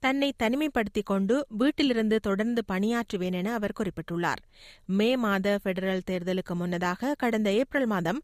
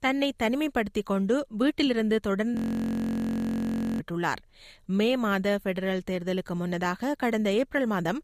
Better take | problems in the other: first | audio freezing; at 2.5 s for 1.5 s

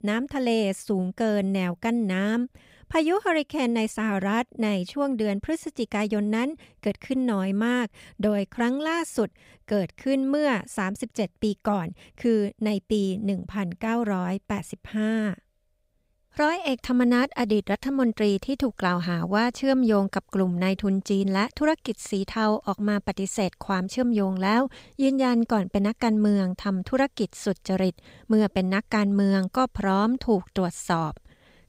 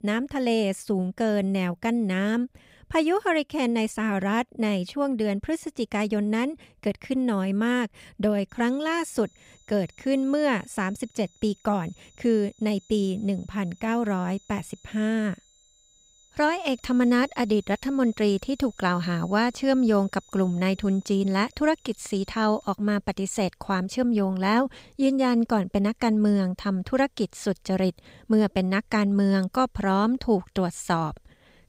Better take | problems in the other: first | high-pitched whine; faint; from 8.5 to 23 s; 7 kHz, 30 dB below the speech

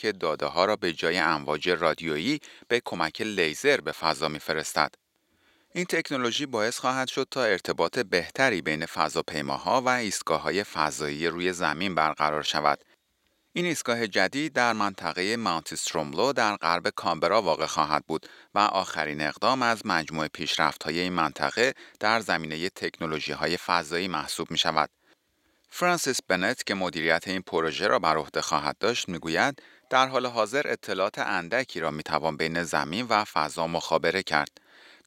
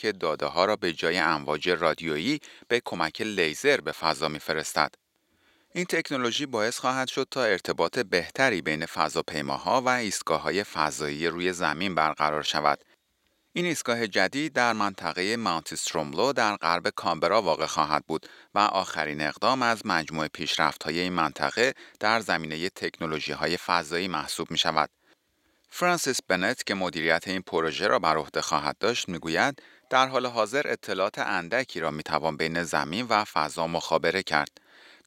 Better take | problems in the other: neither | thin; somewhat; fading below 400 Hz; the same in both

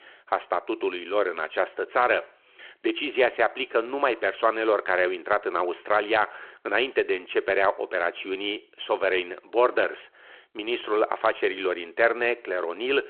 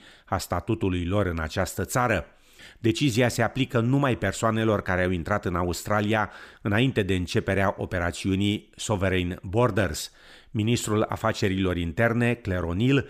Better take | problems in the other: second | phone-call audio

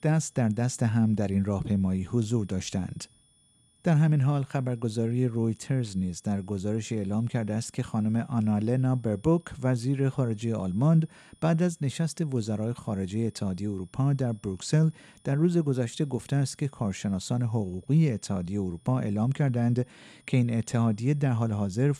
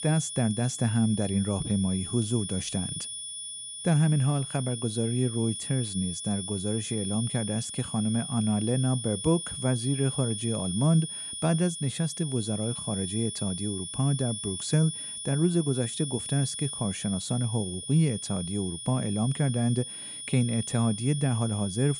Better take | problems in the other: first | high-pitched whine; loud; throughout; 9.5 kHz, 6 dB below the speech; faint in the first

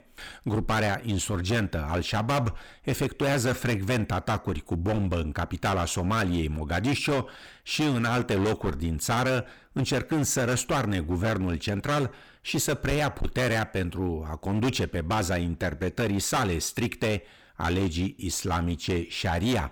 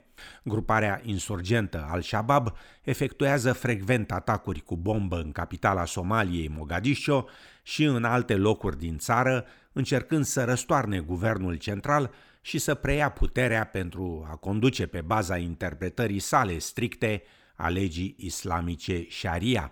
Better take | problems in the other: second | distortion; heavy; 16% of the sound clipped

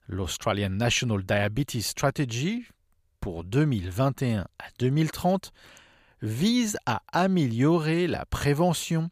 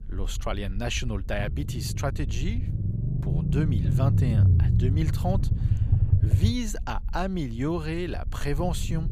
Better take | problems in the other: first | low rumble; loud; throughout; 5 dB below the speech

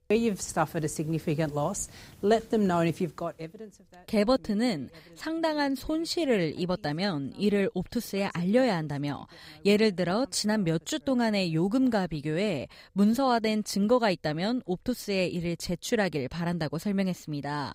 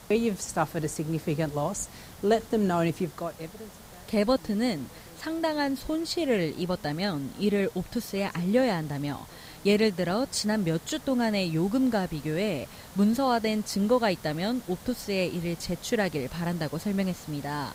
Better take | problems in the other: first | hiss; noticeable; throughout; 20 dB below the speech

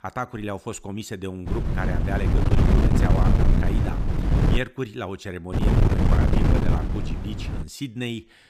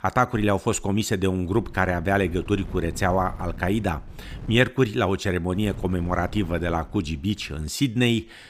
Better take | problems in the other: second | wind noise on the microphone; heavy; from 1.5 to 4.5 s and from 5.5 to 7.5 s; 2 dB above the speech; occasional gusts in the second

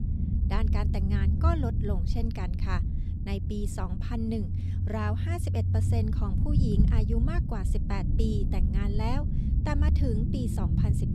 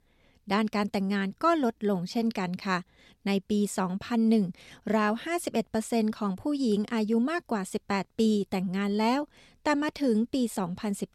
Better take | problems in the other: second | low rumble; loud; throughout; 4 dB below the speech

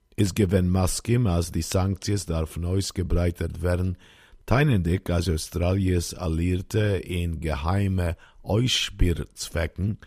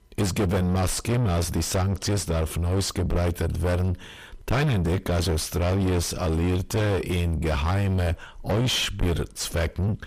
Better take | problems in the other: first | distortion; heavy; 4 dB below the speech

